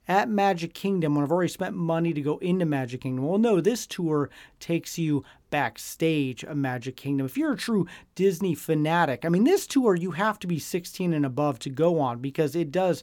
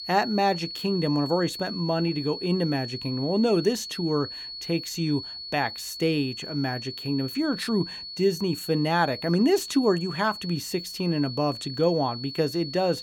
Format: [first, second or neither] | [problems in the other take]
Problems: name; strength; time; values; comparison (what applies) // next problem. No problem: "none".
first | high-pitched whine; loud; throughout; 4.5 kHz, 9 dB below the speech